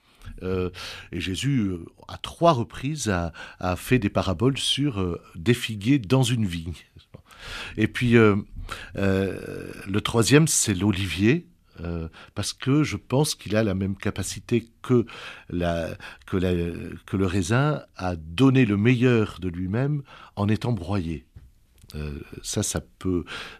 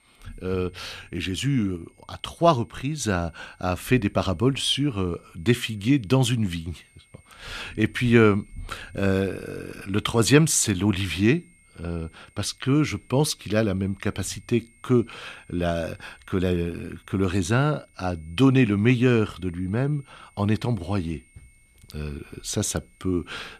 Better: first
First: none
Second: high-pitched whine; faint; throughout; 2 kHz, 35 dB below the speech

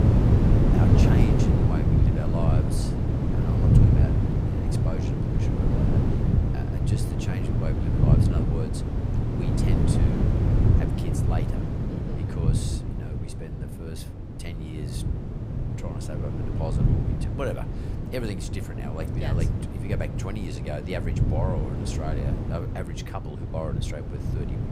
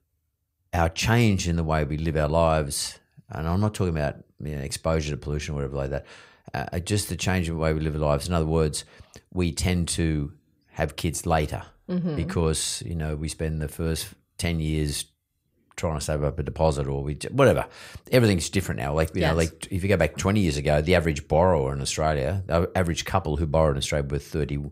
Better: second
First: wind noise on the microphone; heavy; 4 dB above the speech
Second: none

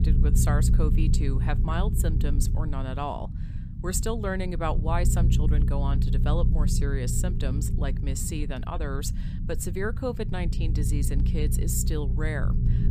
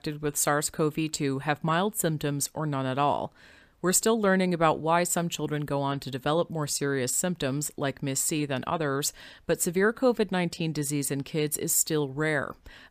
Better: second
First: low rumble; loud; throughout; 7 dB below the speech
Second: none

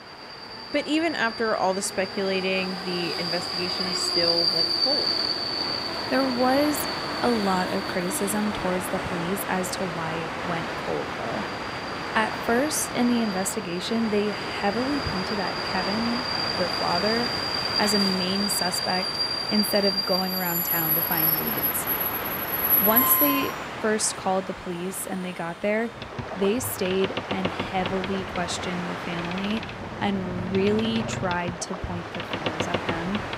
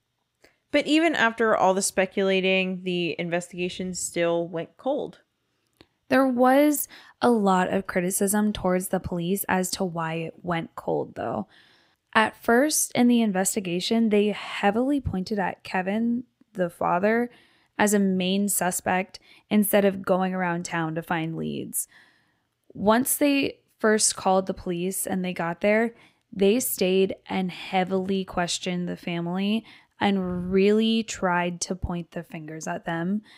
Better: second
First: train or aircraft noise; very loud; throughout; 1 dB above the speech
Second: none

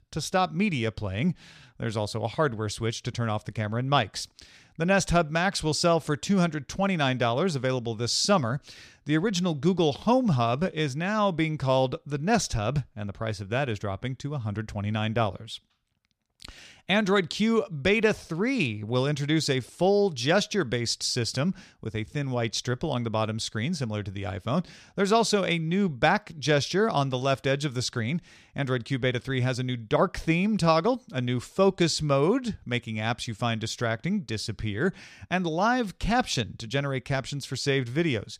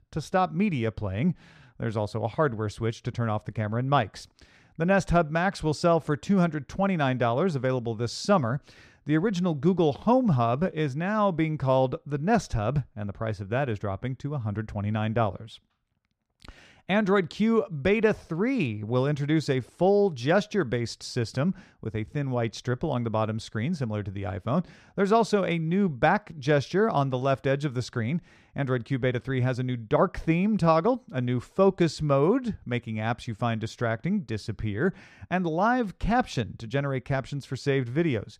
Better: first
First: none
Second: muffled; slightly; fading above 2.5 kHz

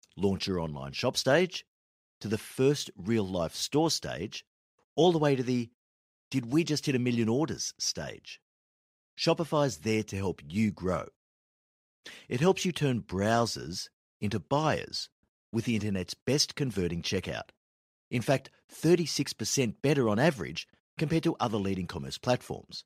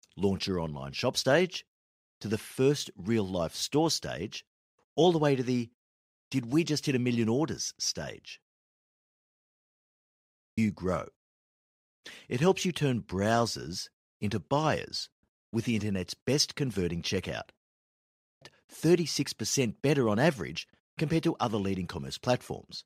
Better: first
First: none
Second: audio cutting out; at 9 s for 2 s and at 18 s

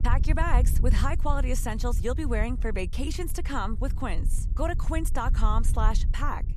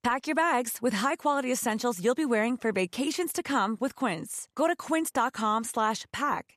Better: second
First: wind noise on the microphone; occasional gusts; 15 dB below the speech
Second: none

